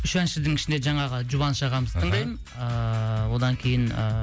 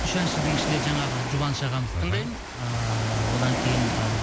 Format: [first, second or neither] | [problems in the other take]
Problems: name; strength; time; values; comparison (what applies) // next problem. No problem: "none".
first | background sound (Ocean); 3 dB below the speech